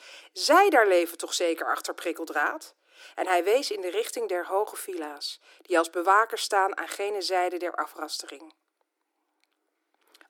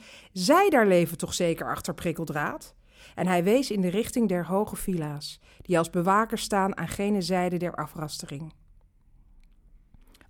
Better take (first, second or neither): second